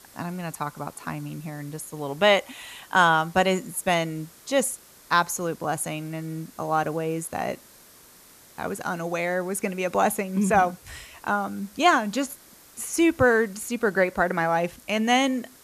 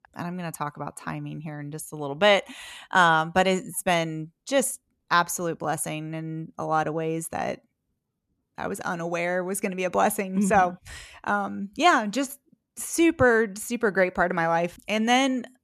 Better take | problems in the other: second | hiss; faint; throughout; 25 dB below the speech

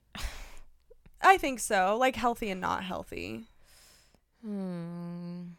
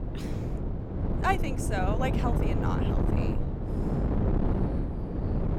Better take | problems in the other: first | wind noise on the microphone; heavy; 4 dB below the speech

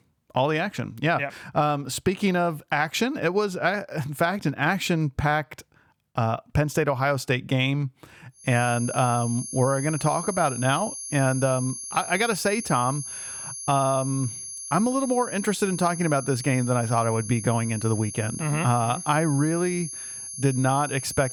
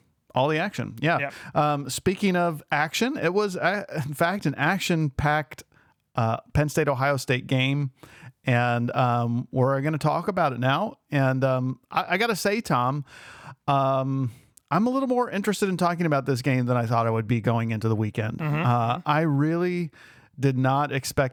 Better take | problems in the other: second | high-pitched whine; loud; from 8.5 s on; 10.5 kHz, 8 dB below the speech

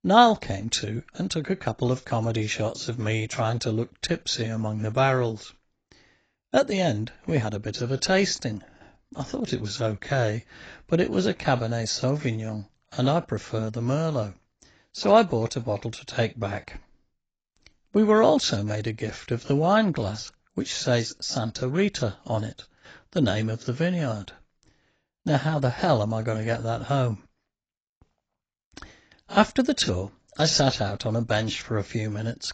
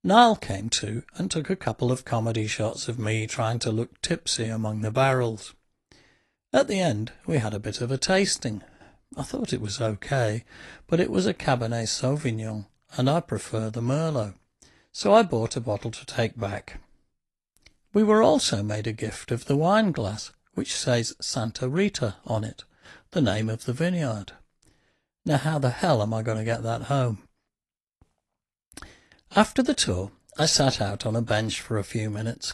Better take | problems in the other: second | garbled, watery; badly; nothing above 7.5 kHz; slightly in the second

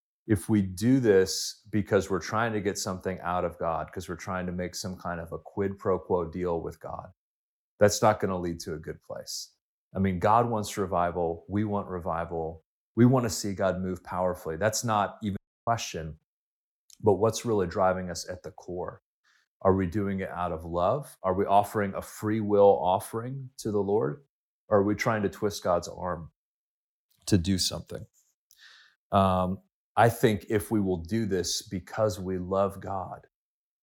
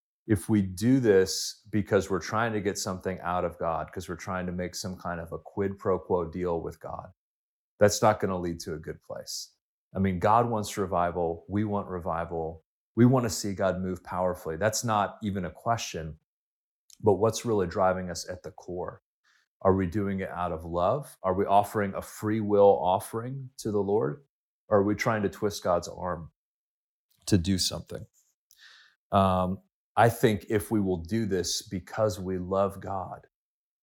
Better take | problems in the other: second | audio cutting out; at 15 s

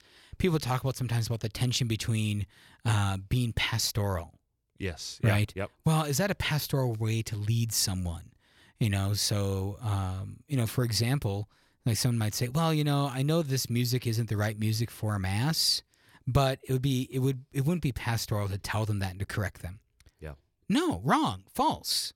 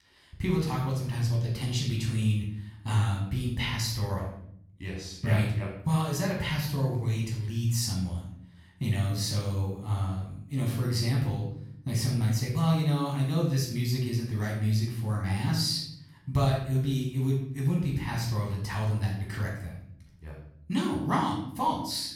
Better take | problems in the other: first | off-mic speech; far // room echo; noticeable; dies away in 0.7 s

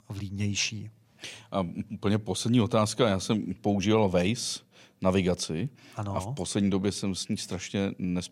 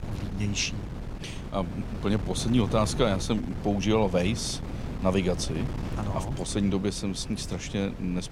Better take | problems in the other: first | wind noise on the microphone; occasional gusts; 10 dB below the speech

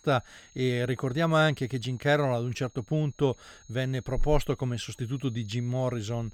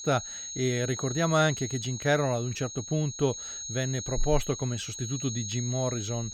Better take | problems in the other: first | high-pitched whine; loud; throughout; 6.5 kHz, 6 dB below the speech; faint in the first

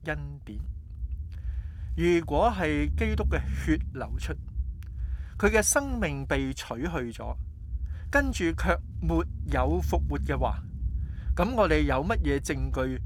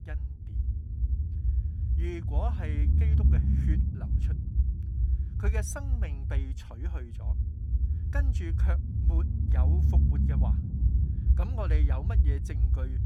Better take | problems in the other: first | low rumble; loud; throughout; 2 dB below the speech; faint in the first

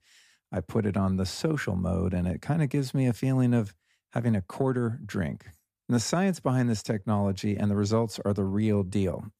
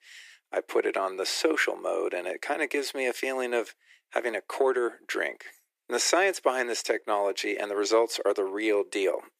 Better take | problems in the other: first | thin; very; fading below 350 Hz

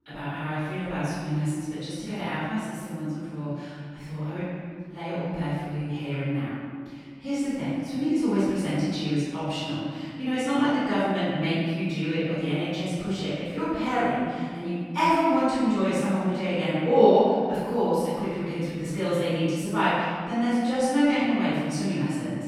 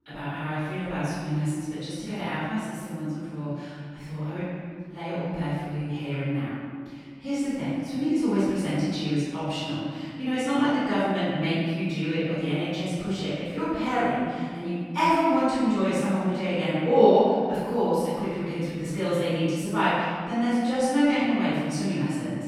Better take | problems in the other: neither | room echo; strong; dies away in 1.8 s; the same in both // off-mic speech; far; the same in both

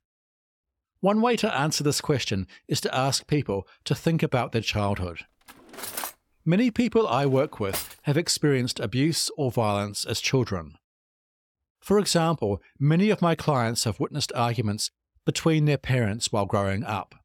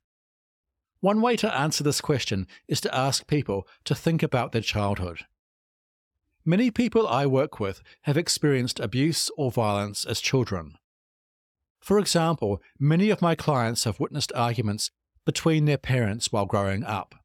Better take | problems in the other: second | clattering dishes; noticeable; from 5.5 to 8 s; peak 7 dB below the speech

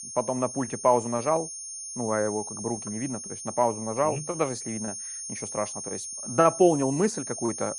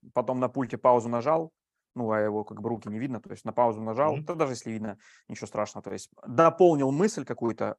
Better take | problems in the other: second | high-pitched whine; loud; throughout; 6.5 kHz, 8 dB below the speech

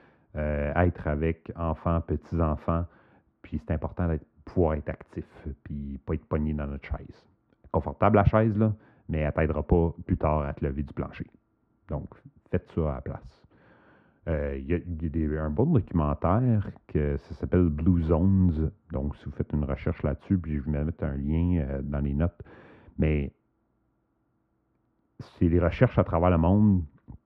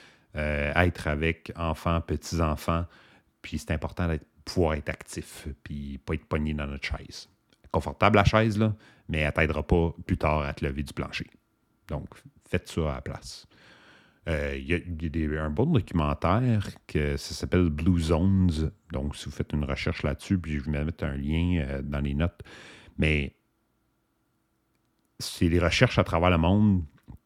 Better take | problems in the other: second | muffled; very; fading above 3.5 kHz

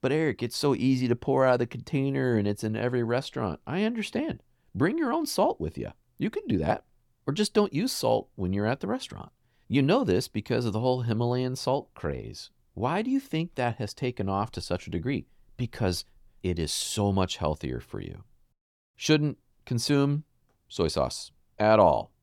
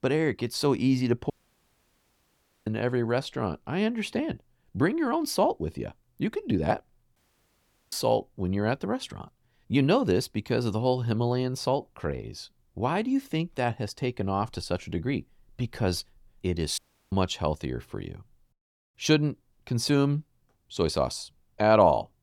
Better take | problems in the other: first | audio cutting out; at 1.5 s for 1.5 s, at 7 s for 1 s and at 17 s

